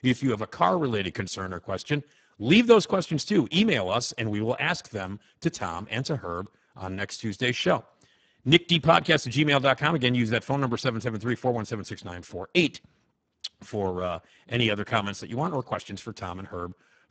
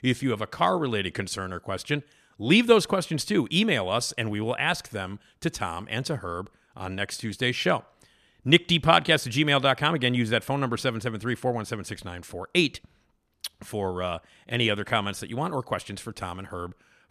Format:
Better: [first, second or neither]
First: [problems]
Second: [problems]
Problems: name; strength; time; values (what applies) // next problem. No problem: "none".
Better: second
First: garbled, watery; badly; nothing above 7.5 kHz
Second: none